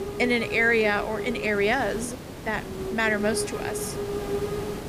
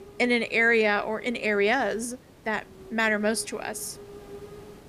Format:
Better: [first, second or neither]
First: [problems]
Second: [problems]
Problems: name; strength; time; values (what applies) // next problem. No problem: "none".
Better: second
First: hiss; loud; throughout; 7 dB below the speech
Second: hiss; faint; throughout; 20 dB below the speech